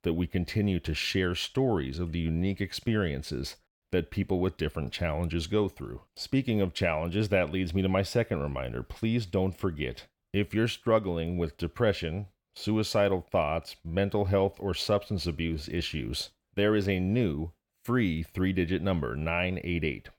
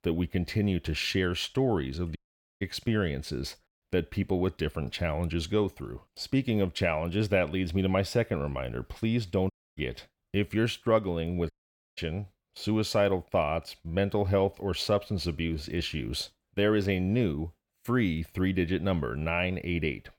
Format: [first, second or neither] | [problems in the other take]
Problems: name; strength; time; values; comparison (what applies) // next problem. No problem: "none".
first | audio cutting out; at 2 s, at 9.5 s and at 12 s